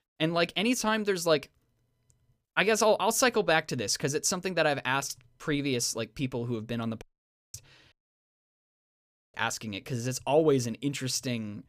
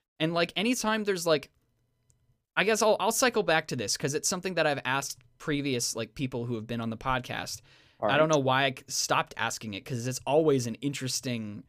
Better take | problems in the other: second | audio cutting out; at 7 s for 0.5 s and at 8 s for 1.5 s

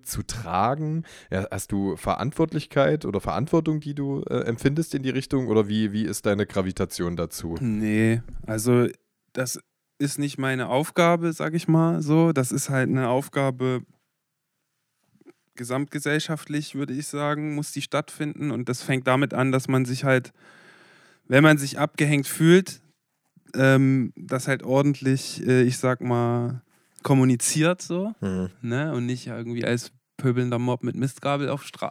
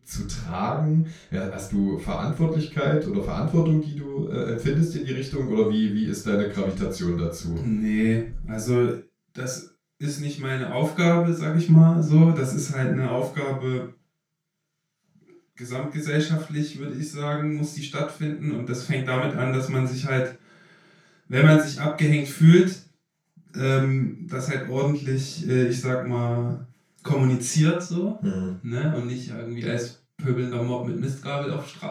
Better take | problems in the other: first | room echo; noticeable; dies away in 0.3 s // off-mic speech; far

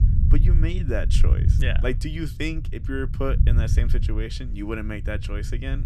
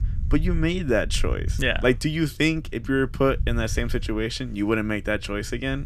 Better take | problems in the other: second | low rumble; loud; throughout; 8 dB below the speech; faint in the second

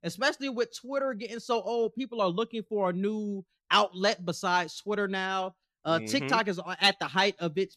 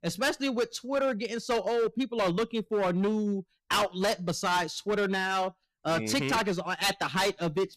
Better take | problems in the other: first | distortion; heavy; 15% of the sound clipped

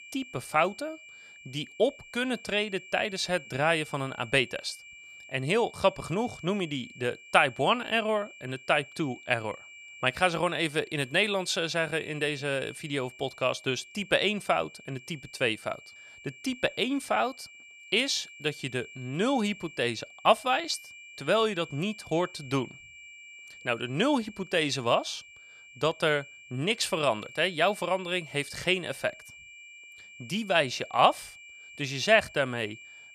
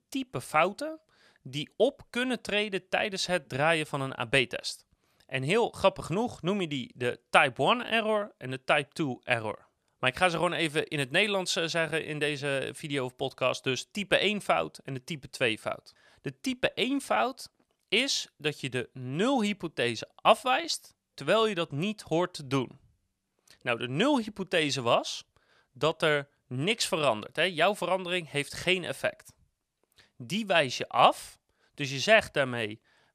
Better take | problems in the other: second | high-pitched whine; noticeable; throughout; 2.5 kHz, 20 dB below the speech

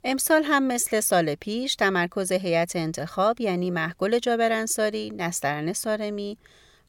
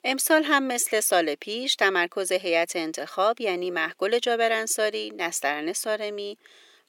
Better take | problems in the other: first | thin; somewhat; fading below 300 Hz

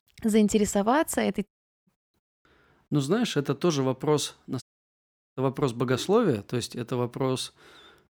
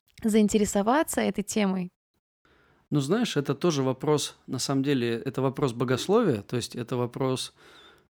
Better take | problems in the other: second | audio cutting out; at 1.5 s and at 4.5 s for 0.5 s

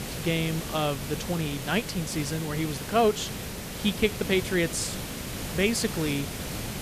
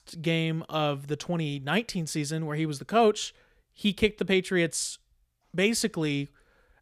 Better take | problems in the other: second | hiss; loud; throughout; 6 dB below the speech

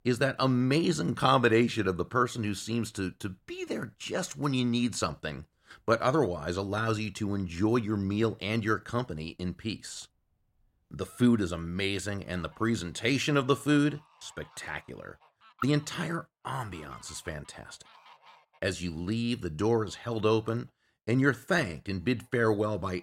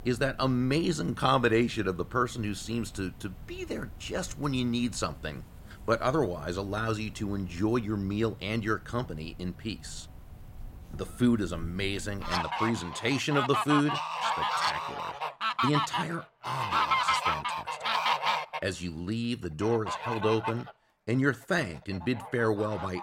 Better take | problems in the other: first | animal sounds; loud; throughout; as loud as the speech; faint in the first

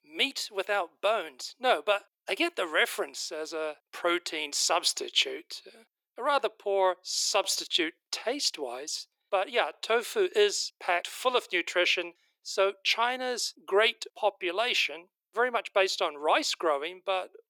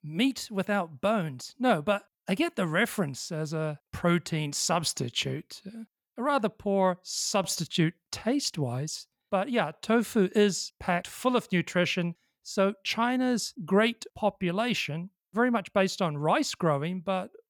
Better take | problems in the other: second | thin; very; fading below 350 Hz

